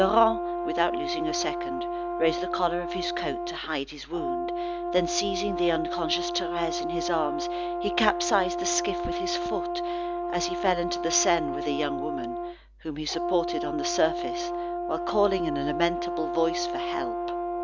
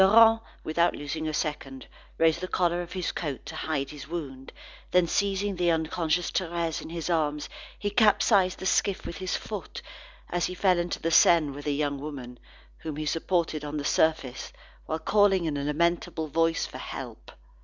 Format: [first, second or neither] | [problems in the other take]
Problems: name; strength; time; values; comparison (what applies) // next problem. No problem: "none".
second | background sound (Brass instrument); 2 dB below the speech